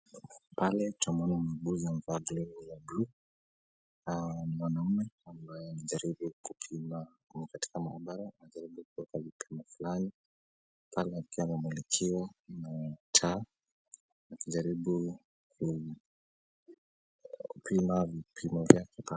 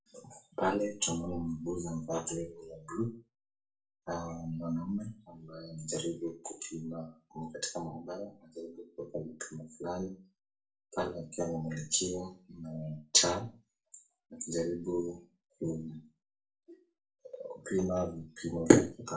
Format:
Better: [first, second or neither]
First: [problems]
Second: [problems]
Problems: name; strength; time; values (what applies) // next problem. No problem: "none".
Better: first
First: none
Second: room echo; dies away in 0.3 s